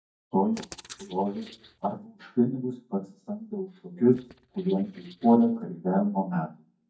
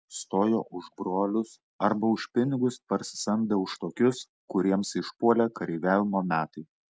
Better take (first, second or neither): second